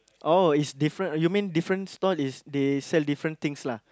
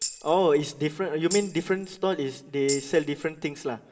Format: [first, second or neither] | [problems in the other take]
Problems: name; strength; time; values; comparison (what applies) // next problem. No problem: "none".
first | background sound (Tambourine); 12 dB below the speech // room echo; dies away in 0.5 s